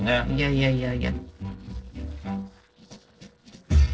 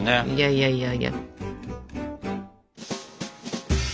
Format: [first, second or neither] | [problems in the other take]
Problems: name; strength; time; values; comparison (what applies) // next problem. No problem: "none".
second | noise reduction (neural separator model SepFormer DNS4)